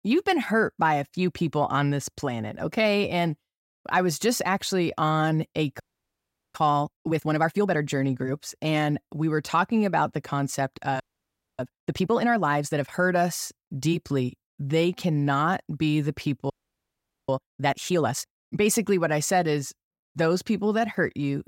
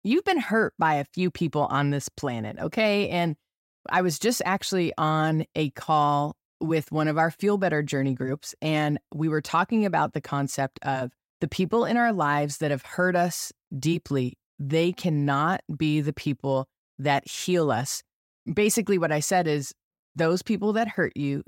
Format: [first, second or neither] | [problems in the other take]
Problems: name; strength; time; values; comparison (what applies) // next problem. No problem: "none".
second | audio freezing; at 6 s for 0.5 s, at 11 s for 0.5 s and at 17 s for 1 s